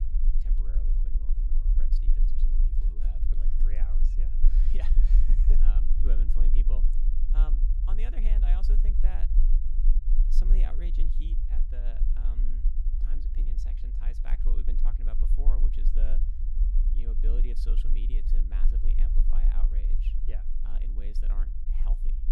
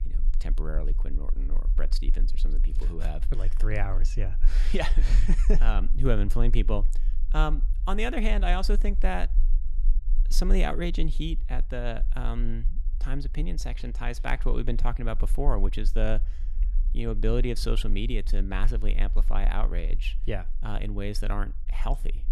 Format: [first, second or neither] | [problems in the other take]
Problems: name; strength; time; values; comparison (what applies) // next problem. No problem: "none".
second | low rumble; loud; throughout; 3 dB below the speech; faint in the second